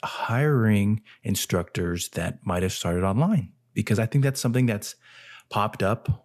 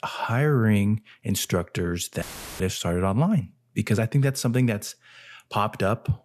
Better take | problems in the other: first | audio cutting out; filled with static; at 2 s

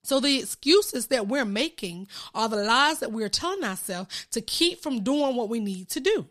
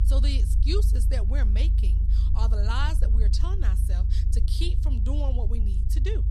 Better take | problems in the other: first | low rumble; loud; throughout; 7 dB below the speech

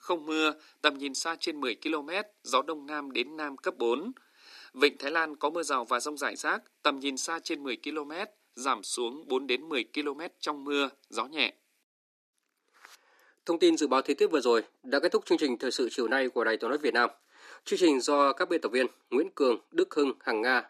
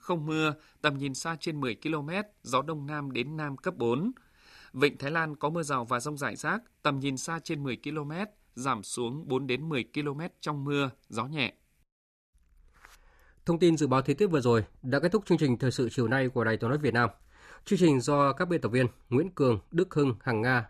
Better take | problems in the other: second | thin; somewhat; fading below 300 Hz

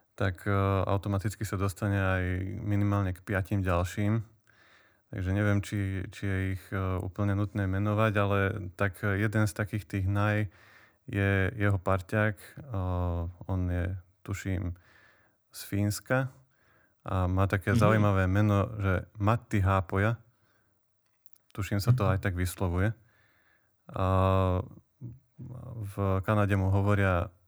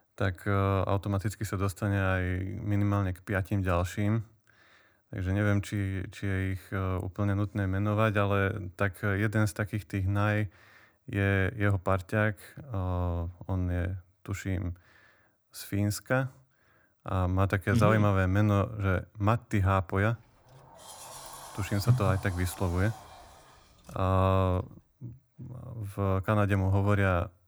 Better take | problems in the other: first | door banging; faint; from 20 to 25 s; peak 15 dB below the speech

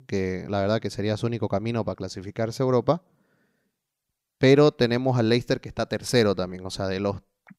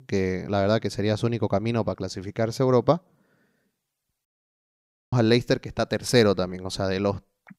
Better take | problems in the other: first | audio cutting out; at 4.5 s for 1 s

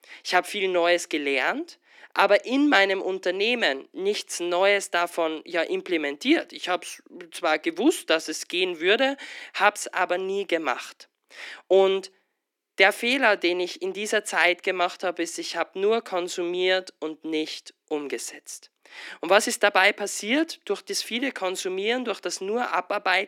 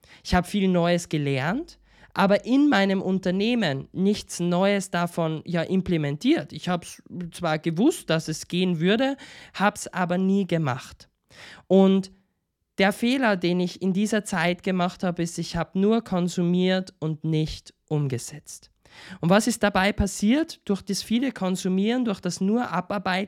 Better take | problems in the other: second | thin; somewhat; fading below 300 Hz

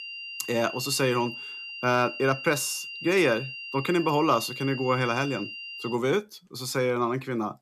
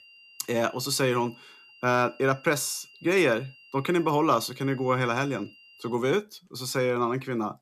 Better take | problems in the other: second | high-pitched whine; loud; until 6 s; 3 kHz, 9 dB below the speech; faint in the second

